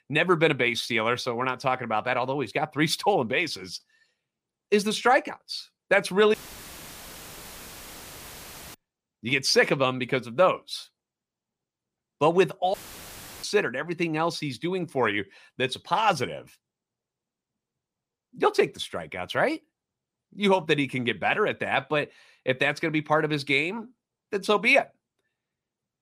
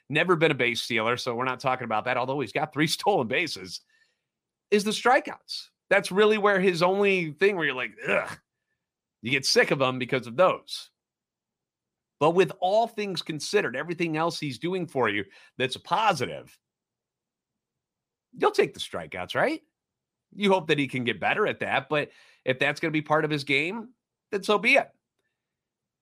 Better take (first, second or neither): second